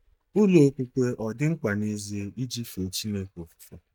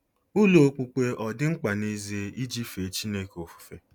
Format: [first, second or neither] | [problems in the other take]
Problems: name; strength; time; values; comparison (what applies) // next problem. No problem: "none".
second | noise reduction (neural mask model DeepFilterNet 3)